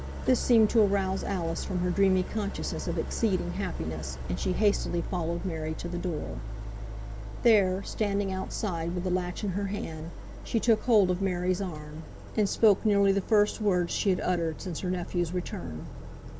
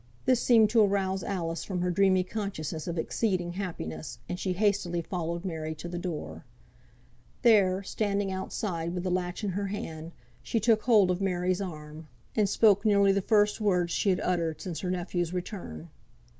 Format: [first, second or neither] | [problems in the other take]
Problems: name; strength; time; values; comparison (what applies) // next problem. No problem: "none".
second | background sound (Idling); 8 dB below the speech